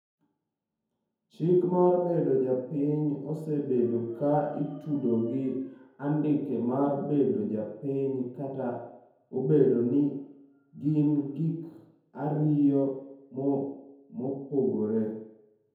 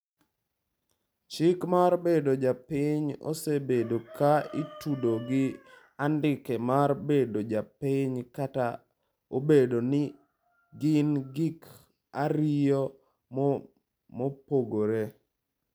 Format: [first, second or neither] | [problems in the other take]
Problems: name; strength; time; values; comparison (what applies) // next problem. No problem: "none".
second | room echo; dies away in 0.9 s